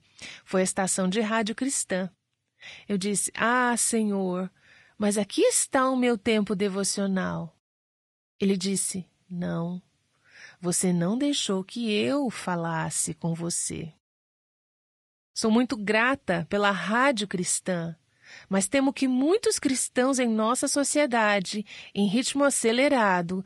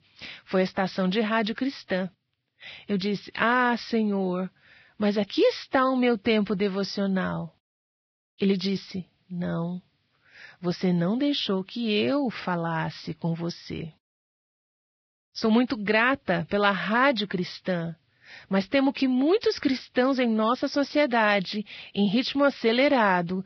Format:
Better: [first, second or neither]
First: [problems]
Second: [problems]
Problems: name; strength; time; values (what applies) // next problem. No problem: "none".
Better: first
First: garbled, watery; slightly; nothing above 10.5 kHz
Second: garbled, watery; badly; nothing above 5.5 kHz